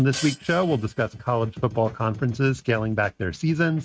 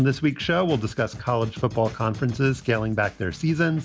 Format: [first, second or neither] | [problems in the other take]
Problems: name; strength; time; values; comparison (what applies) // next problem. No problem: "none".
second | noise reduction (neural mask model RNNoise)